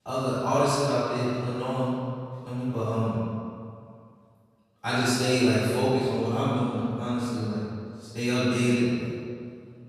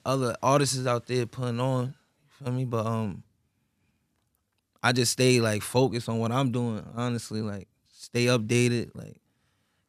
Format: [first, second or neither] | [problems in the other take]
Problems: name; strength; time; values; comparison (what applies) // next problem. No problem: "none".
second | off-mic speech; far // room echo; strong; dies away in 1.9 s